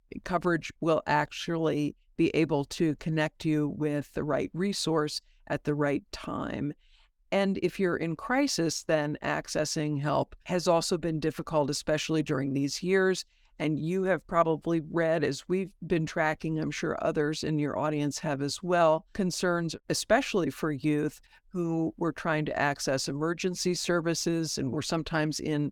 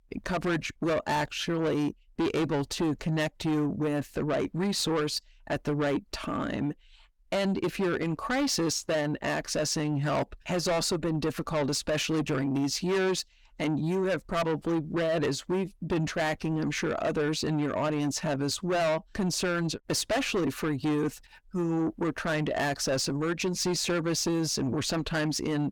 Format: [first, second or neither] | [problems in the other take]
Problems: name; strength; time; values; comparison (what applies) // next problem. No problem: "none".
first | distortion; heavy; 7 dB below the speech